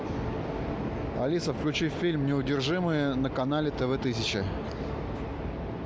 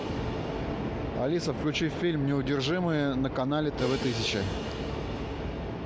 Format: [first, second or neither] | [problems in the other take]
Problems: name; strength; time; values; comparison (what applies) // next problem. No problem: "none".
first | background sound (Crash cymbal); 14 dB below the speech